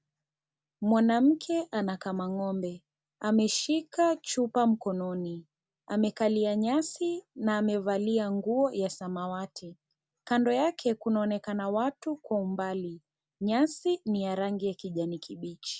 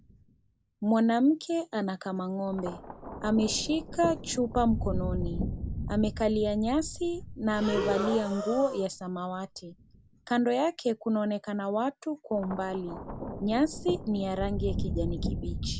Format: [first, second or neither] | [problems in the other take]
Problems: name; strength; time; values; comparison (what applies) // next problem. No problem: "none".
first | background sound (Thunder + Breathing); 7 dB below the speech